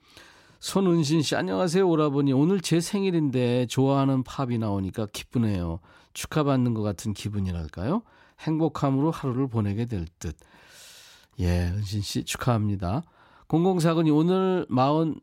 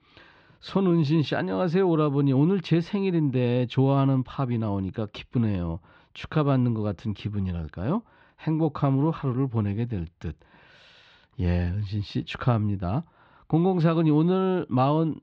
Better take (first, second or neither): first